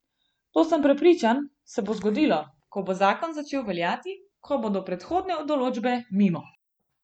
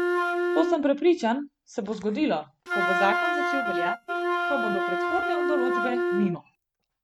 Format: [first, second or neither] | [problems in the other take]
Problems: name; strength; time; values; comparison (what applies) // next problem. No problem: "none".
first | noise reduction (neural mask model RNNoise)